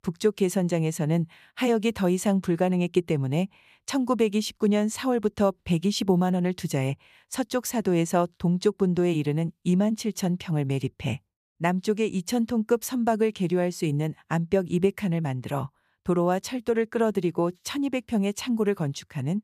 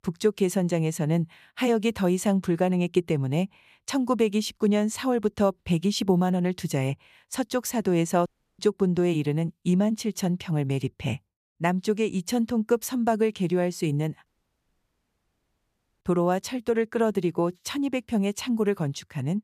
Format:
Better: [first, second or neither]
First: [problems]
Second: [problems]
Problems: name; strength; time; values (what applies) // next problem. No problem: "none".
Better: first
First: none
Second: audio cutting out; at 8.5 s and at 14 s for 2 s